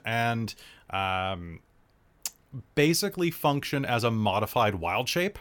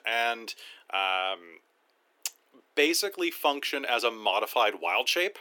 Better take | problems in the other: first | thin; somewhat; fading below 300 Hz

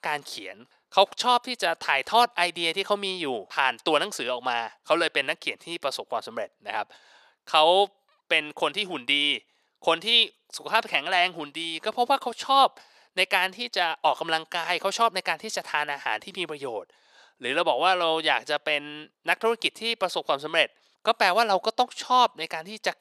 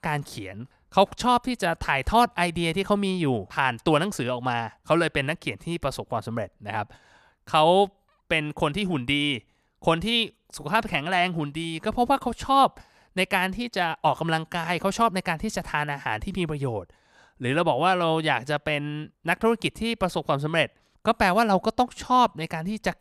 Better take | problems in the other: second | thin; somewhat; fading below 450 Hz

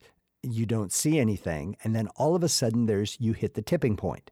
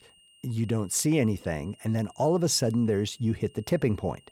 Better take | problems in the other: first | high-pitched whine; faint; throughout; 3 kHz, 30 dB below the speech

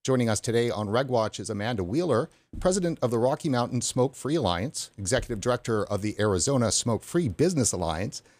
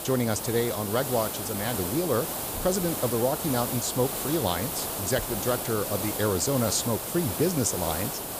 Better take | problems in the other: first | hiss; loud; throughout; 3 dB below the speech

